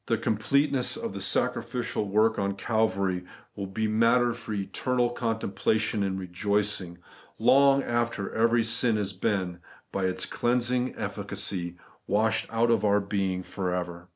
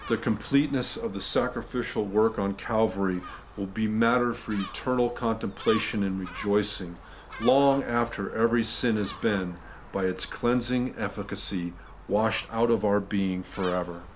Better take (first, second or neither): first